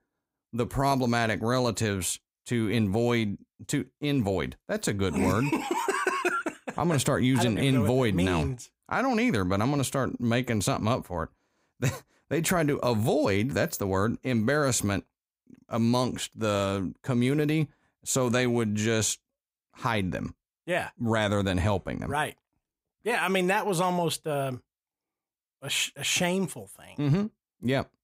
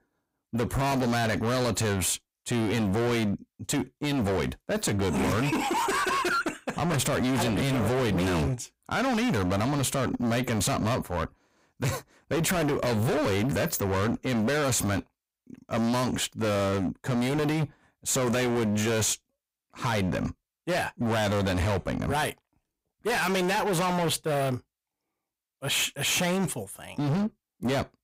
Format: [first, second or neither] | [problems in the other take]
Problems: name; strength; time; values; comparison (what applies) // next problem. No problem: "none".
first | distortion; heavy; 31% of the sound clipped